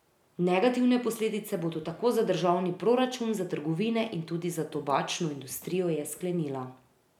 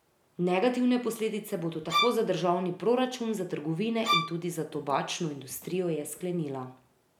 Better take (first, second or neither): first